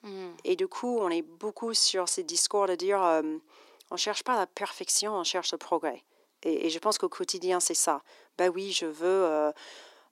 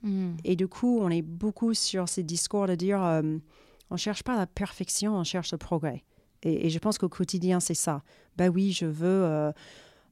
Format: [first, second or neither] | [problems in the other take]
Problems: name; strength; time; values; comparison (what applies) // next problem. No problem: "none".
second | thin; very; fading below 300 Hz